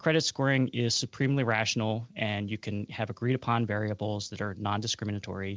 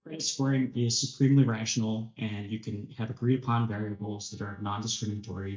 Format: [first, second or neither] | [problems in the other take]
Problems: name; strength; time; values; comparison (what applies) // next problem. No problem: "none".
first | noise reduction (neural mask model DeepFilterNet 3)